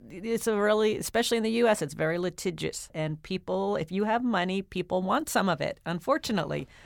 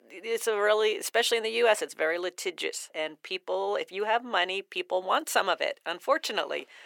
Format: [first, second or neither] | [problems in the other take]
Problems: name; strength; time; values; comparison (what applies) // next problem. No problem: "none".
first | thin; very; fading below 350 Hz